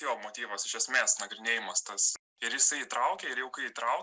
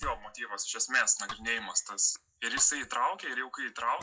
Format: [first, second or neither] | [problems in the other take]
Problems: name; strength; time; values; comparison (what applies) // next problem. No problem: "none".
first | noise reduction (classical method WPE with log-MMSE)